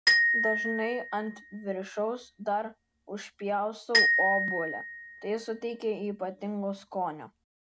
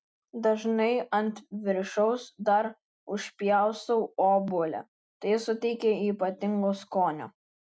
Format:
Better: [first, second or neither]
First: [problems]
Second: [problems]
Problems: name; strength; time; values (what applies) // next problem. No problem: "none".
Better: second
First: background sound (Glockenspiel); 2 dB above the speech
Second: none